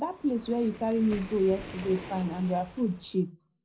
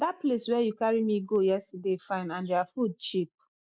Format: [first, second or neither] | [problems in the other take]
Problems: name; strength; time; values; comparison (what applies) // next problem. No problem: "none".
second | background sound (Waves, surf); 16 dB below the speech // room echo; dies away in 0.4 s